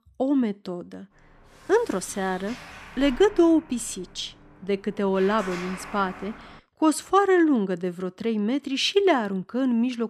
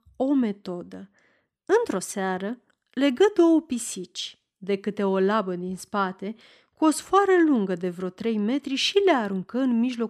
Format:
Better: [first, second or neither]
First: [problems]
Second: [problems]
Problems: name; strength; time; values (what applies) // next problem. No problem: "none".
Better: second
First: door banging; faint; from 1.5 to 6.5 s; peak 10 dB below the speech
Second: none